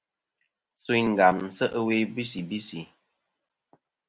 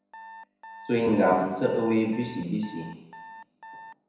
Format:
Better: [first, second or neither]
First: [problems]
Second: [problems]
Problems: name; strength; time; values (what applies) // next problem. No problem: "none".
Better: first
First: none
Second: background sound (Alarm); 18 dB below the speech // room echo; dies away in 1 s